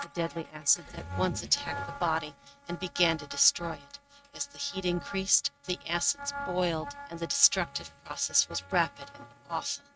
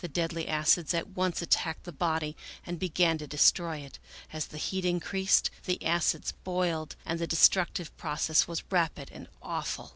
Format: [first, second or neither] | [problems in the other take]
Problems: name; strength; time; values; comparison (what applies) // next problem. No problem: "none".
second | noise reduction (neural mask model RNNoise)